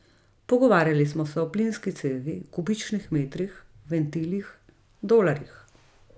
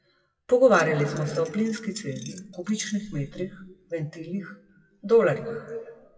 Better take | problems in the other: first | noise reduction (classical method WPE with log-MMSE)

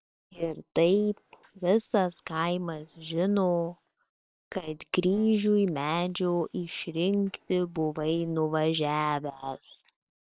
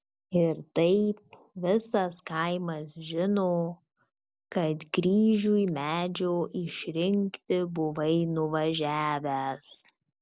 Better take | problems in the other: second | noise reduction (neural separator model SepFormer WHAM!)

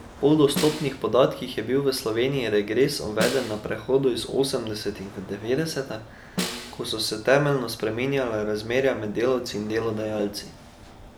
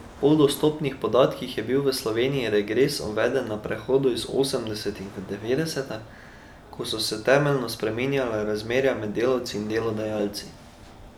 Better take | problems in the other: second | background sound (Snare drum); 9 dB below the speech

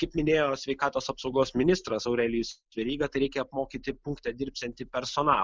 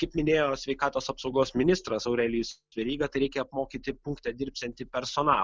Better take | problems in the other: second | noise reduction (neural mask model Resemble Enhance denoiser)

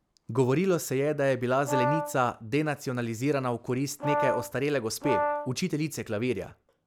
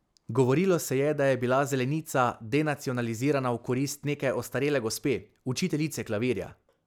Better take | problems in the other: second | background sound (Brass instrument); 3 dB below the speech

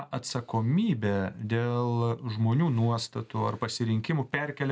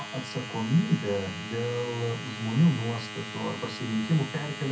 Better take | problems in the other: first | background sound (Domestic sounds, home sounds); 10 dB below the speech // room echo; dies away in 0.3 s

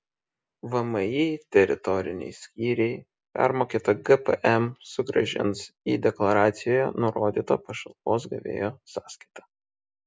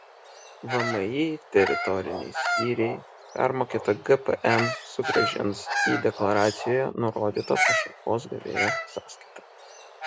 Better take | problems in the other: first | background sound (Bird vocalization, bird call, bird song); 4 dB below the speech

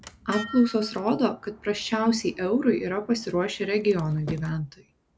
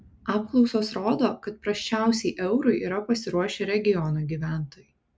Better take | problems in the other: second | background sound (Sliding door + Dishes, pots, and pans); 18 dB below the speech

